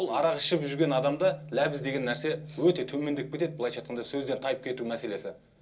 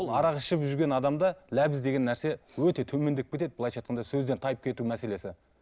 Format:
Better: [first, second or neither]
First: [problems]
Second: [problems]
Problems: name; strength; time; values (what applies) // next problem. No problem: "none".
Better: second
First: room echo; dies away in 0.2 s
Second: none